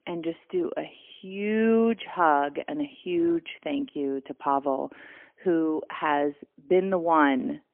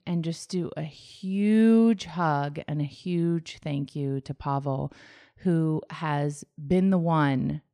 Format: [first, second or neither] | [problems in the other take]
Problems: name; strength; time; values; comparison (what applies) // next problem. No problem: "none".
second | phone-call audio; poor line; nothing above 3.5 kHz